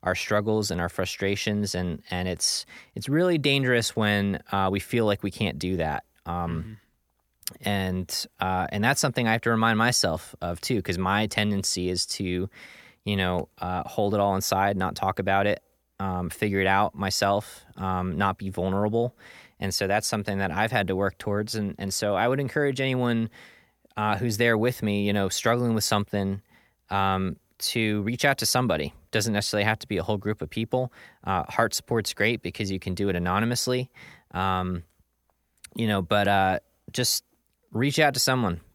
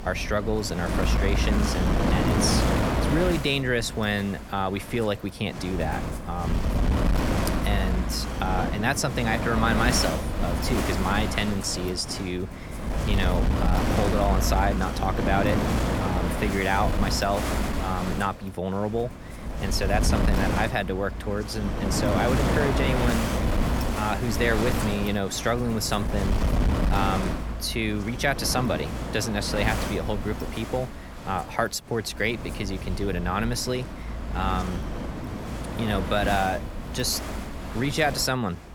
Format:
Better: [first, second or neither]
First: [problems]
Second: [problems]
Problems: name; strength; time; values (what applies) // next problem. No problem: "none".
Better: first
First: none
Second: wind noise on the microphone; heavy; 4 dB below the speech